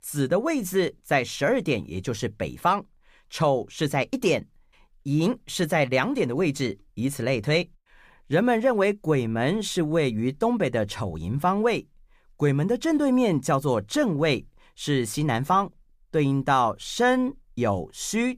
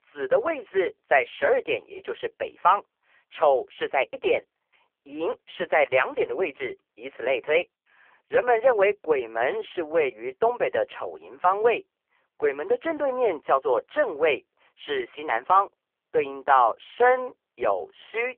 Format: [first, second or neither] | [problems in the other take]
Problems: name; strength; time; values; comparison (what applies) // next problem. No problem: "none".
first | phone-call audio; poor line; nothing above 3 kHz